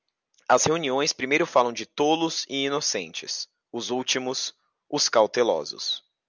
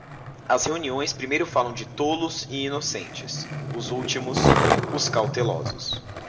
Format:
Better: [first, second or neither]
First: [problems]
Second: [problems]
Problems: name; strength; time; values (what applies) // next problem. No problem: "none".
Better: first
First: none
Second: background sound (Skateboard); as loud as the speech // room echo; dies away in 0.7 s